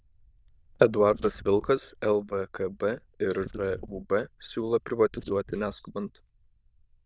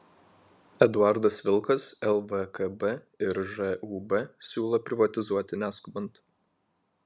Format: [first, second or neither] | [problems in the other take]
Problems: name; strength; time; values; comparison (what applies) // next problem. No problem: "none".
second | noise reduction (neural diffusion model UNIVERSE++)